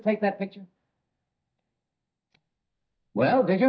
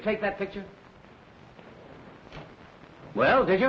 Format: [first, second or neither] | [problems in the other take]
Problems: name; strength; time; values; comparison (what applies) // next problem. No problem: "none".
second | noise reduction (neural mask model DeepFilterNet 3)